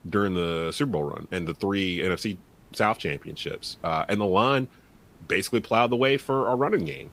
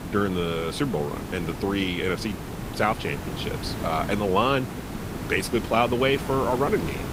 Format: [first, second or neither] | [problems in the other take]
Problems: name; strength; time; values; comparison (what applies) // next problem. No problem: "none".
first | hiss; loud; throughout; 8 dB below the speech; faint in the first